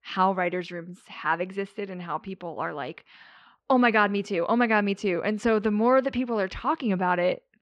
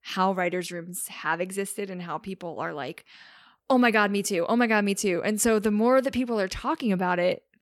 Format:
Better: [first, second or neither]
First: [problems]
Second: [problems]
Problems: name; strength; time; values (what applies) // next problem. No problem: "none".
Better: second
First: muffled; slightly; fading above 4 kHz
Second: none